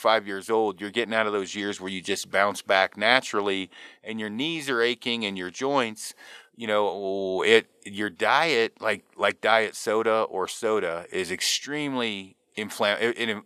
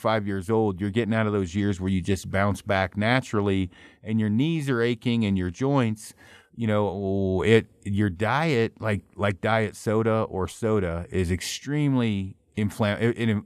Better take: second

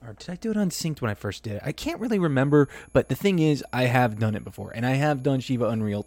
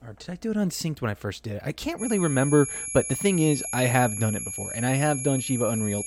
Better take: first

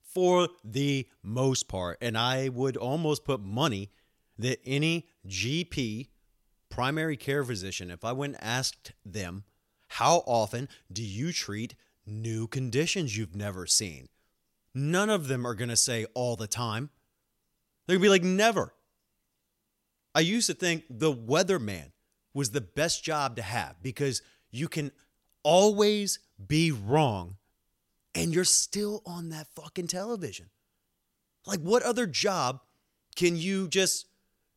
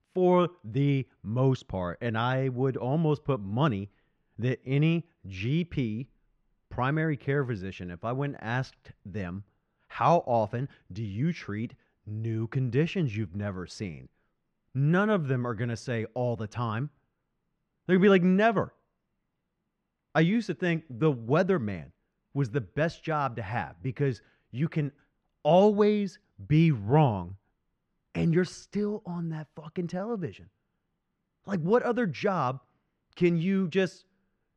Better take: first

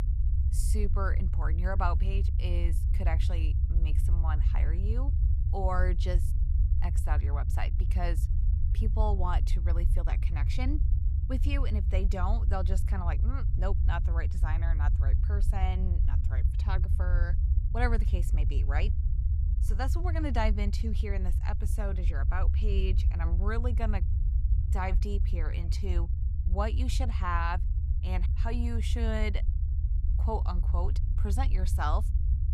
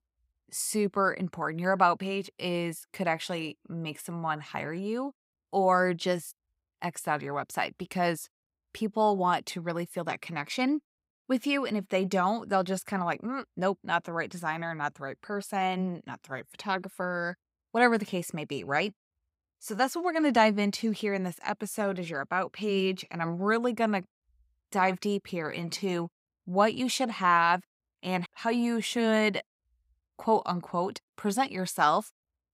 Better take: second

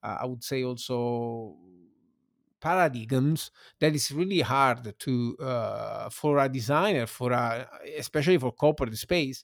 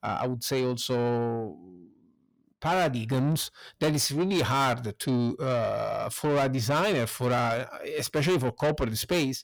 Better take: first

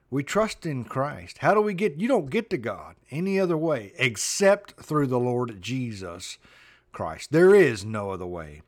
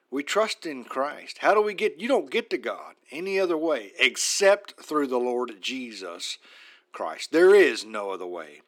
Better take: first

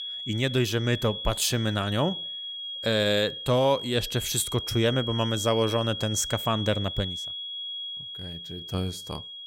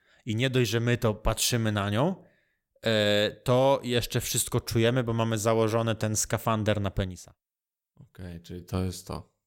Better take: second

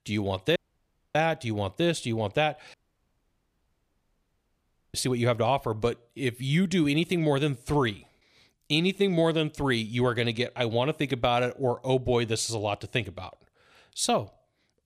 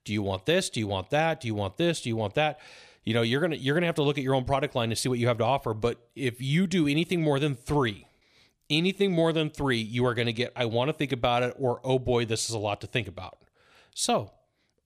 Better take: second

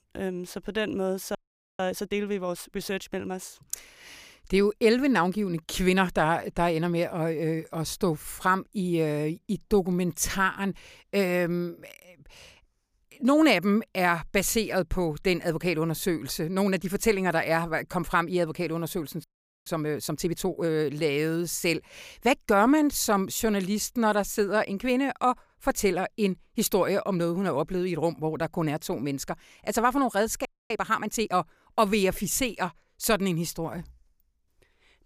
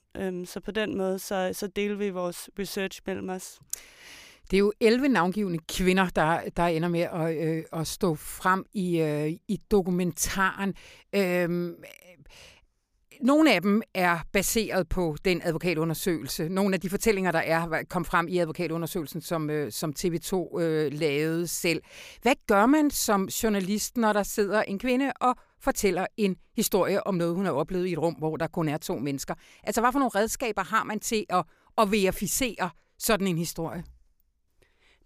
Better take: second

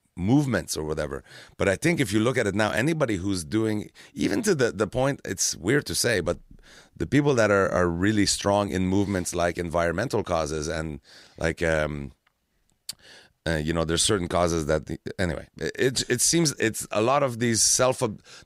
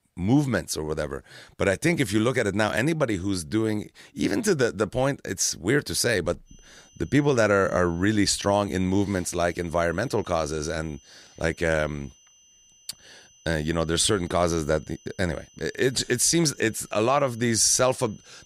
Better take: first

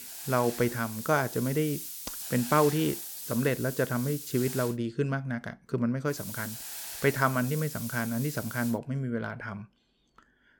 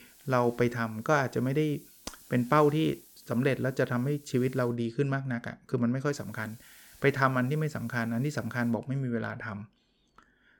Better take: second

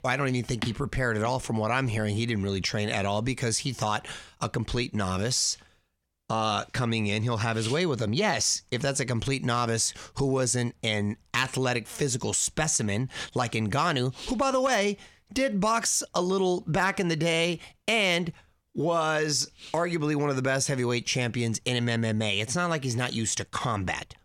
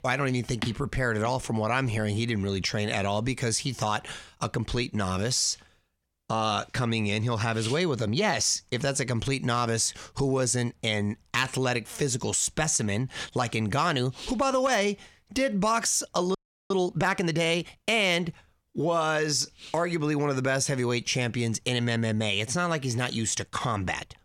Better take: first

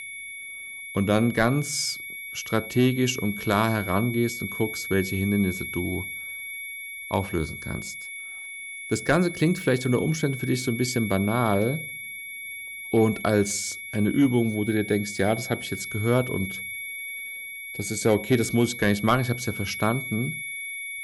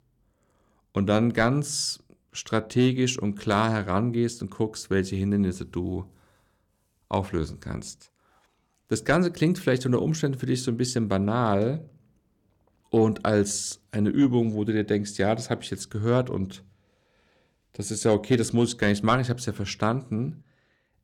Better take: second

